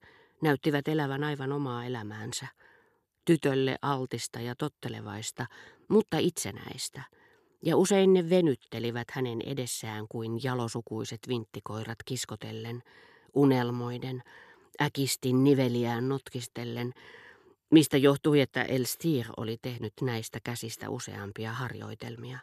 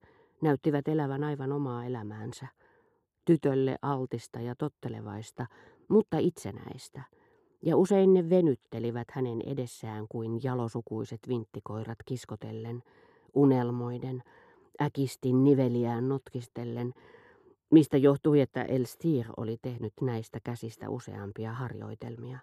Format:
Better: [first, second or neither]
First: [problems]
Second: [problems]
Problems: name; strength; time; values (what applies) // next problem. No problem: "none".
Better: first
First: none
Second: muffled; slightly; fading above 1.5 kHz